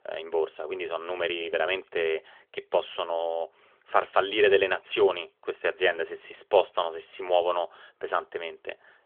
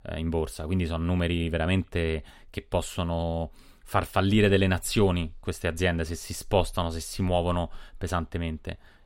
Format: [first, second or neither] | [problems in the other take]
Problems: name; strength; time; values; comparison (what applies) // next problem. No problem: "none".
second | phone-call audio; nothing above 3.5 kHz